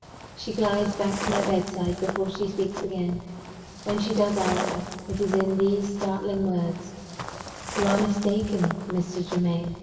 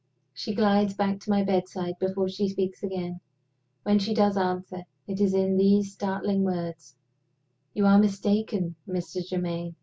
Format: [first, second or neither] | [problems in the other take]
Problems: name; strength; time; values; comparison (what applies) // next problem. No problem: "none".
second | background sound (Walk, footsteps); 8 dB below the speech // room echo; dies away in 2.8 s